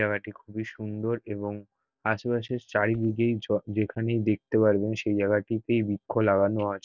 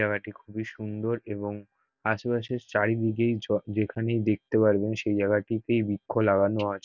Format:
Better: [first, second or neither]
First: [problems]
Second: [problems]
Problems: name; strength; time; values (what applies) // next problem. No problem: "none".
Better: second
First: noise reduction (neural separator model SepFormer DNS4)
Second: none